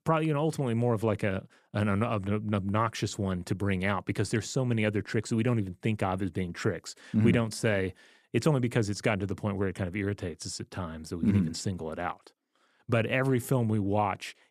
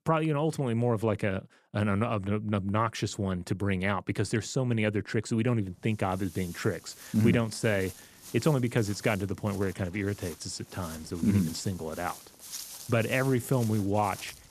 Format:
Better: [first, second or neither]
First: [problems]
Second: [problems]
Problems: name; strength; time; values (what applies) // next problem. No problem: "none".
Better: first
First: none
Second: footsteps; noticeable; from 6 s on; peak 9 dB below the speech